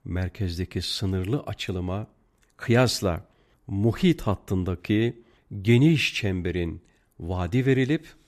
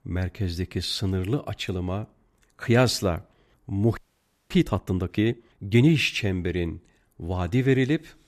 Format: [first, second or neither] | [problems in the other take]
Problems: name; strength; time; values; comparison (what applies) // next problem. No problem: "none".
first | audio freezing; at 4 s for 0.5 s